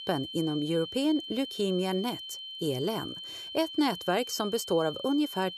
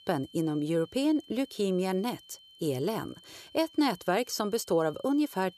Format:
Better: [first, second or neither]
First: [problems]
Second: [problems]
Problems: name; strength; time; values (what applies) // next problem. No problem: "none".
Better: second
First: high-pitched whine; loud; throughout; 3 kHz, 9 dB below the speech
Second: high-pitched whine; faint; throughout; 3 kHz, 25 dB below the speech